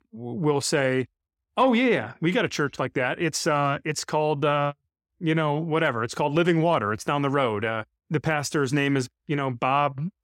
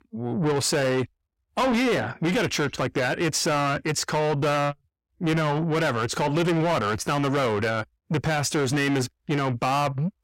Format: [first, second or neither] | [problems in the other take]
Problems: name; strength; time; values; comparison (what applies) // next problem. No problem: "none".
first | distortion; heavy; 7 dB below the speech